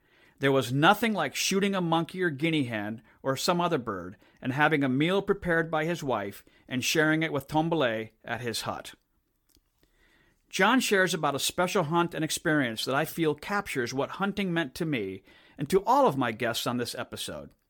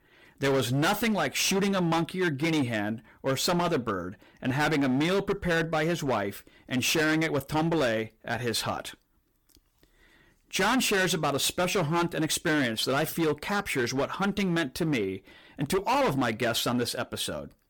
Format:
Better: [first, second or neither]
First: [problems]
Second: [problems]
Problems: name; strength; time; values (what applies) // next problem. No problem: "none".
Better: first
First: none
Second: distortion; heavy; 15% of the sound clipped